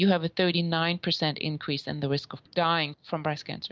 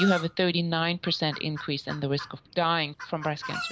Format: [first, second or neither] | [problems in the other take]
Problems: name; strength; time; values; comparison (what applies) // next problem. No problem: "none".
first | background sound (Chicken, rooster); 12 dB below the speech